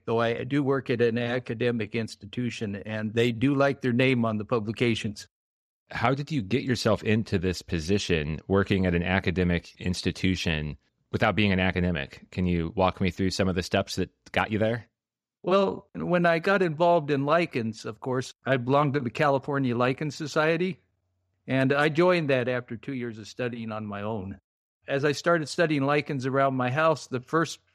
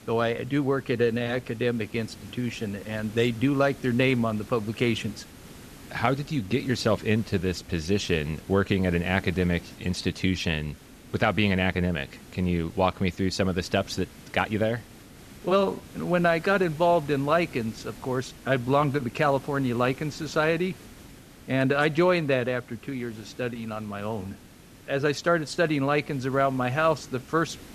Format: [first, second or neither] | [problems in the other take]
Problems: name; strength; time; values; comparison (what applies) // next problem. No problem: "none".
first | hiss; faint; throughout; 20 dB below the speech